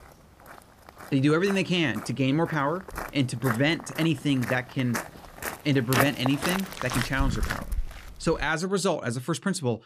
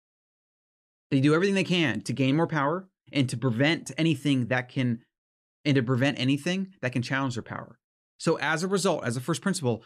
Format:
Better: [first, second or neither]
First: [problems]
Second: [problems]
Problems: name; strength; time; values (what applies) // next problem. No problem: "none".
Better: second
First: footsteps; loud; from 1.5 to 8.5 s; peak 1 dB above the speech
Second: none